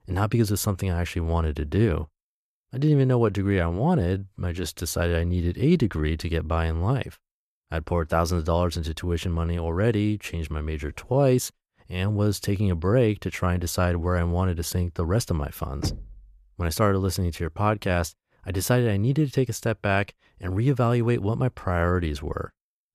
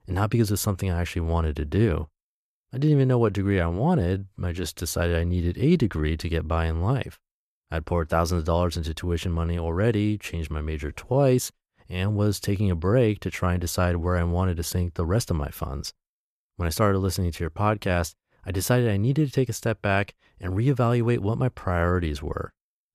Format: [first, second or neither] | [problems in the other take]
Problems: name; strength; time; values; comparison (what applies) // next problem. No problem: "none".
second | door banging; noticeable; at 16 s; peak 8 dB below the speech